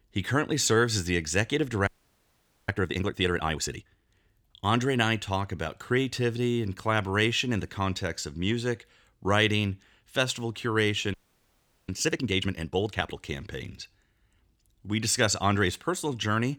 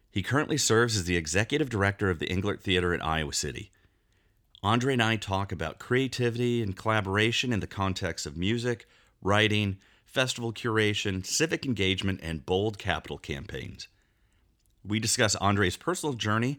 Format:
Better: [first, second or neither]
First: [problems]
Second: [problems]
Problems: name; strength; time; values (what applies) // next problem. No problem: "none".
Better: second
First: audio freezing; at 2 s for 1 s and at 11 s for 0.5 s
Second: none